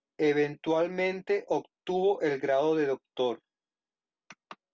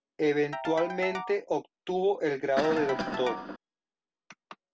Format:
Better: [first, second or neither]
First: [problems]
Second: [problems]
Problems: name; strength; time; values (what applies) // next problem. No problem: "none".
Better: first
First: none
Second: background sound (Ringtone / Keyboard (musical) + Cough); 8 dB below the speech